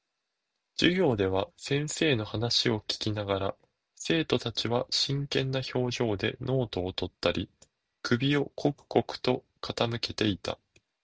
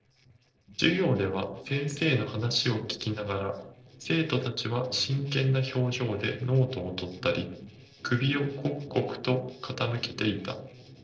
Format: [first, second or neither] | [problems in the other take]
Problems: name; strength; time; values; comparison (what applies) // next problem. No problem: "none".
first | noise reduction (neural separator model SepFormer DNS4)